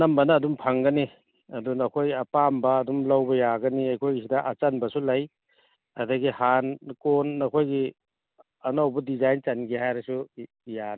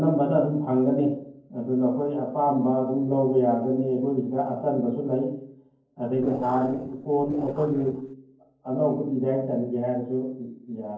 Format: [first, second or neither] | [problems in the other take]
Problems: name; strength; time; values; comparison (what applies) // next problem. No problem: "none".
first | noise reduction (neural separator model SepFormer DNS4)